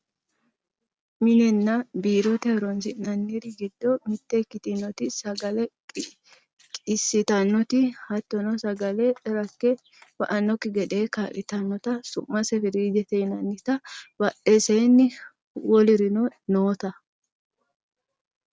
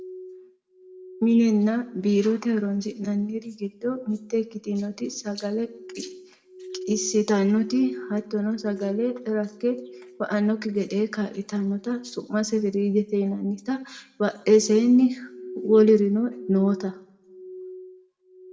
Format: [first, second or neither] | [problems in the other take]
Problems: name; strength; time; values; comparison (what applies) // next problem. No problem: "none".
first | background sound (Glass); 18 dB below the speech // room echo; dies away in 0.6 s